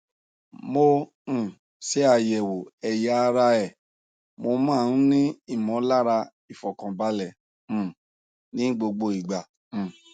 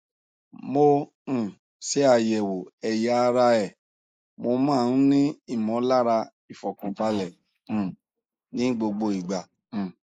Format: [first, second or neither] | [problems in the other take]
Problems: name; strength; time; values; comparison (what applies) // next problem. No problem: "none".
first | noise reduction (neural mask model Resemble Enhance denoiser)